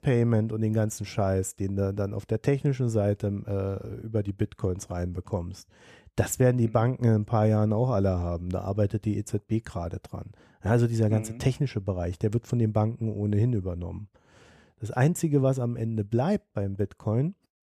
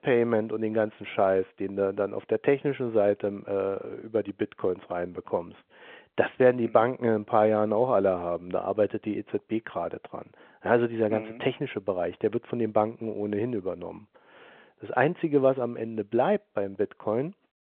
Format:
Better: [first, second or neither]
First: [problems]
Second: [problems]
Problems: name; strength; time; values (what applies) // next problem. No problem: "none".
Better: first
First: none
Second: phone-call audio